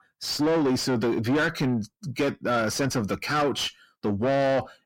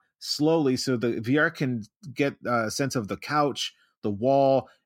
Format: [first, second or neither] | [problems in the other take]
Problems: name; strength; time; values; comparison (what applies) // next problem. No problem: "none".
second | distortion; heavy; 7 dB below the speech